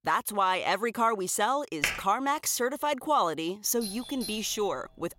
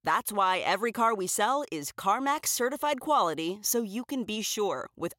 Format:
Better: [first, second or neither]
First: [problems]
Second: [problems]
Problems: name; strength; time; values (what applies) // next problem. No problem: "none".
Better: second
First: keyboard typing; noticeable; at 2 s; peak 2 dB below the speech // doorbell; faint; from 4 s on; peak 10 dB below the speech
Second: none